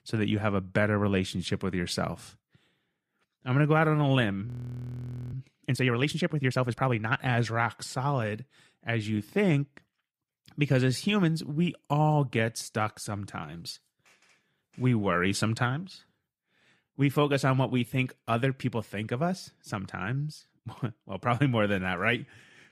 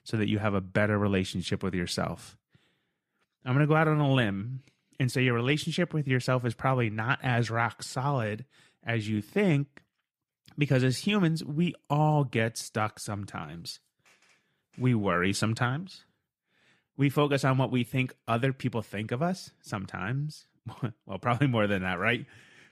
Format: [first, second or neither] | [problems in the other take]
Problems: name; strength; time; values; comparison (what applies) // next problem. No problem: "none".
second | audio freezing; at 4.5 s for 1 s